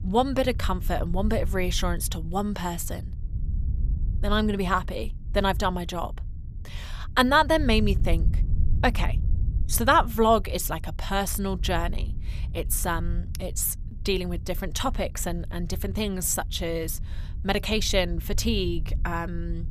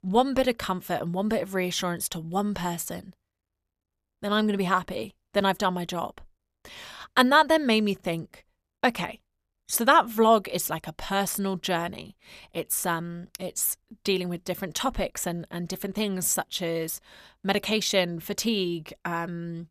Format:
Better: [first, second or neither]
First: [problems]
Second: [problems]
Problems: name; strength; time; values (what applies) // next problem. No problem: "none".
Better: second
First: low rumble; faint; throughout; 25 dB below the speech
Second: none